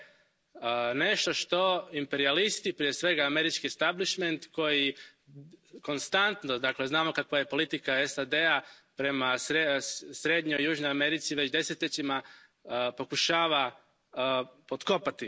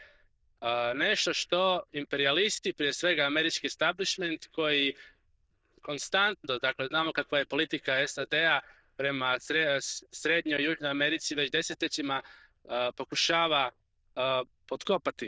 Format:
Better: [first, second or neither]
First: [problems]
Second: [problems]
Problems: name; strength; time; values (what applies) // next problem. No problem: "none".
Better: first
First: none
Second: noise reduction (neural diffusion model UNIVERSE++)